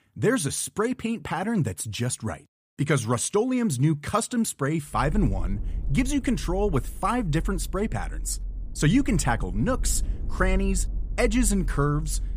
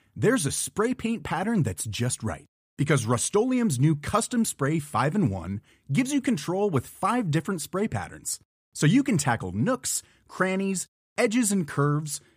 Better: second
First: low rumble; faint; from 5 s on; 25 dB below the speech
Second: none

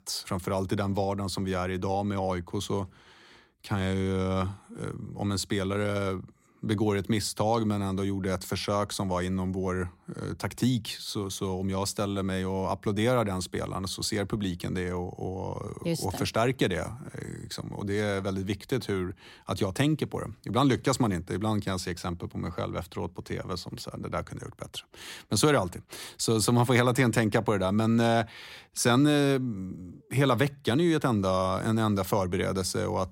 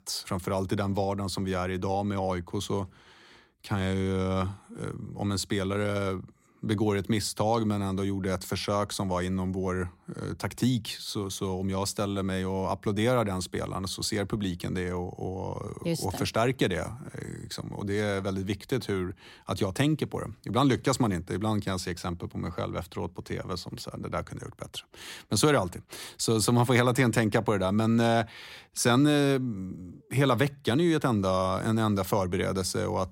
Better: neither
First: none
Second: none

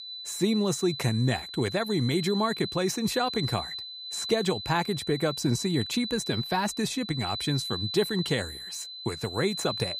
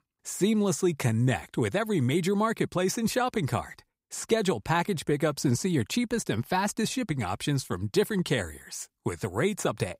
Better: second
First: high-pitched whine; loud; throughout; 4 kHz, 6 dB below the speech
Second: none

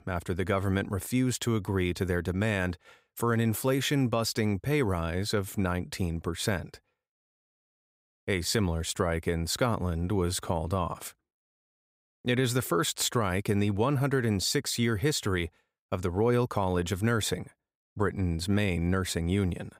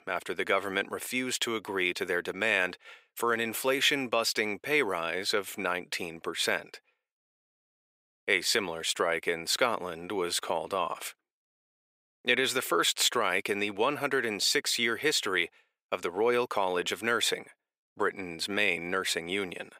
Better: first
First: none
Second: thin; very; fading below 450 Hz

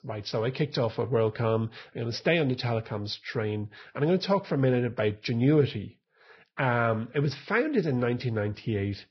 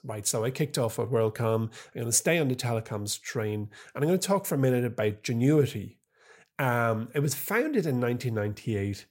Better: second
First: garbled, watery; badly; nothing above 5.5 kHz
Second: none

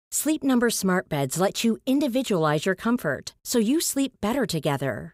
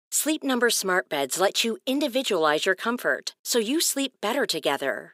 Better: first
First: none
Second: thin; somewhat; fading below 300 Hz

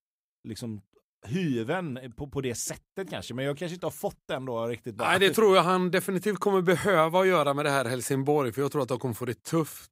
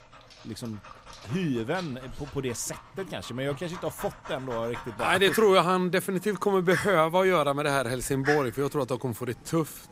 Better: first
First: none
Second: animal sounds; noticeable; throughout; 15 dB below the speech

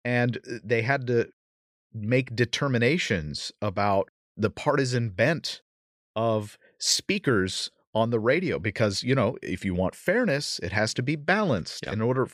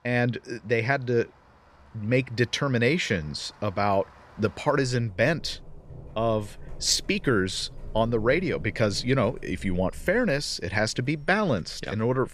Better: first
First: none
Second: rain or running water; faint; throughout; 20 dB below the speech

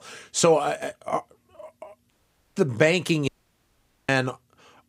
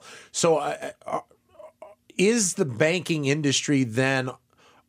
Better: second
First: audio cutting out; at 2 s and at 3.5 s for 1 s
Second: none

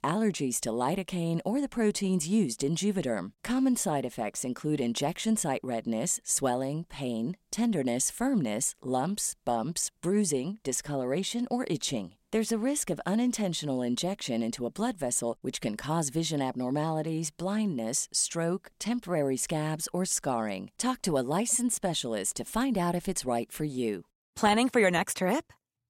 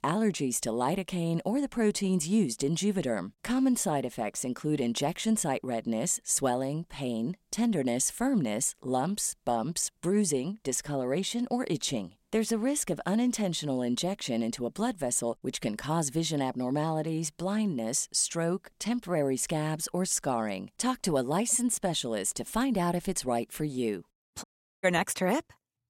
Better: first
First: none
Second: audio cutting out; at 24 s

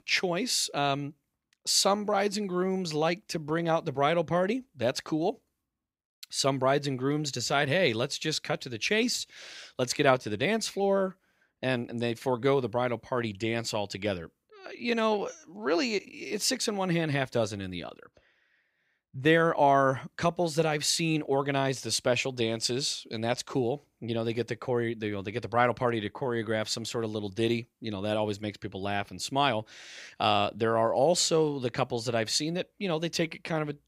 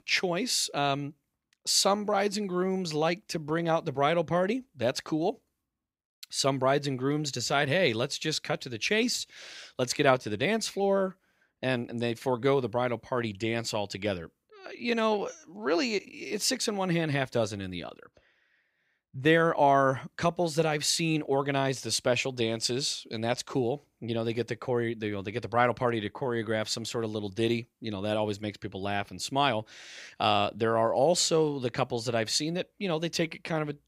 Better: neither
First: none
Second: none

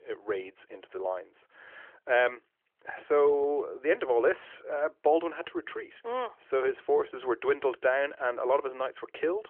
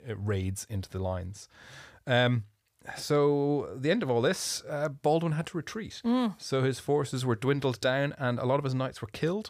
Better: second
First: phone-call audio; nothing above 3.5 kHz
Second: none

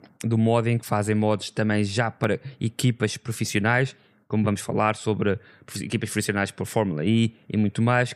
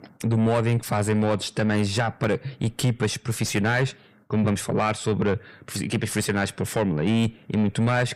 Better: first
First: none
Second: distortion; slight; 10 dB below the speech

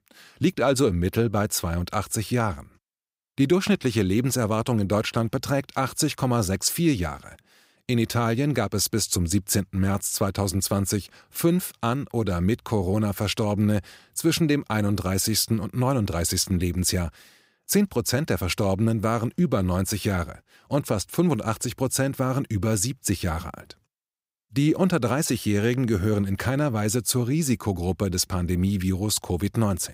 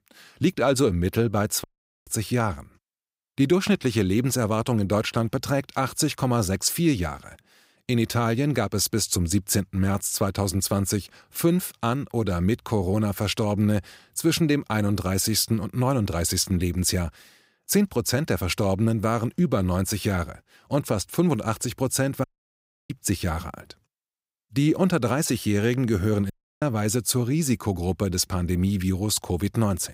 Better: first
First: none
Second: audio cutting out; at 1.5 s, at 22 s for 0.5 s and at 26 s

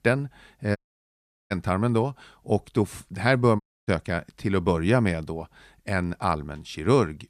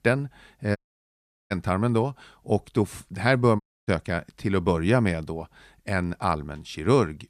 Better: neither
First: audio cutting out; at 1 s for 0.5 s and at 3.5 s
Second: audio cutting out; at 1 s for 0.5 s and at 3.5 s

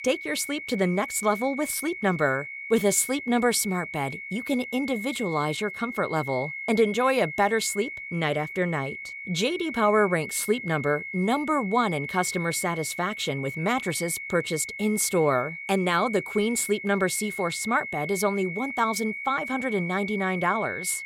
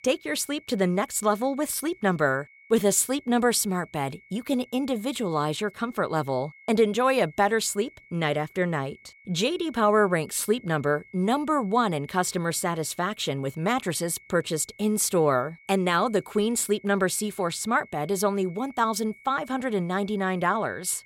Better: second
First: high-pitched whine; loud; throughout; 2 kHz, 8 dB below the speech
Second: high-pitched whine; faint; throughout; 2 kHz, 25 dB below the speech

